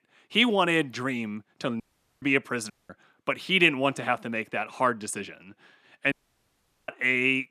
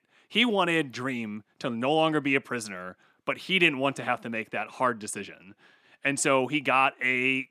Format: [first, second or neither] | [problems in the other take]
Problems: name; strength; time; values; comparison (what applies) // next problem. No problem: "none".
second | audio cutting out; at 2 s, at 2.5 s and at 6 s for 1 s